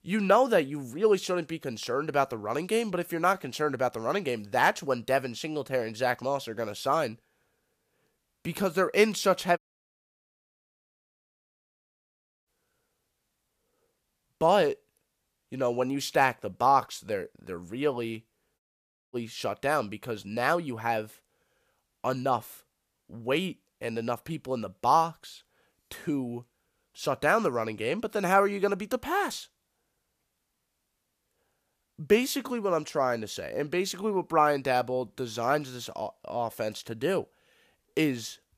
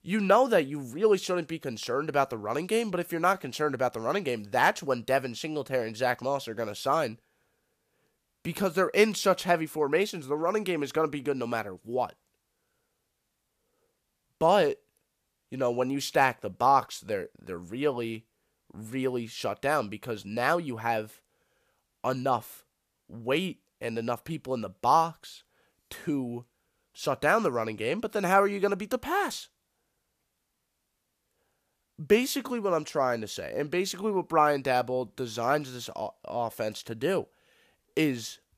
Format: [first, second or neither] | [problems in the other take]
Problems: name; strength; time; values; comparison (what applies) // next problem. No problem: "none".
second | audio cutting out; at 9.5 s for 3 s and at 19 s for 0.5 s